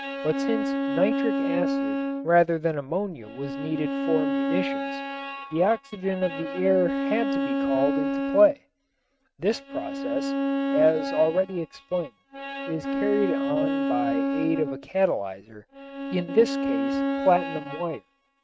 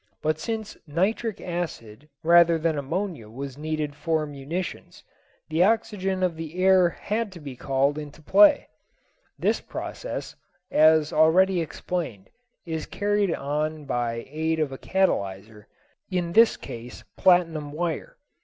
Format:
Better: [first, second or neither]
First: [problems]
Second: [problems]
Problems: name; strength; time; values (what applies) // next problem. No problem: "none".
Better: second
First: noise reduction (neural mask model RNNoise)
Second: none